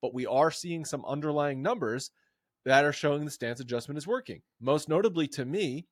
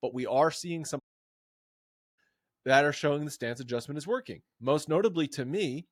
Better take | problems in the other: first | audio cutting out; at 1 s for 1 s

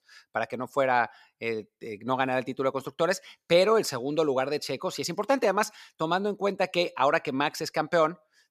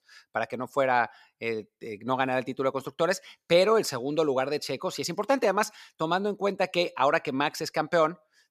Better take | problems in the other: neither | none

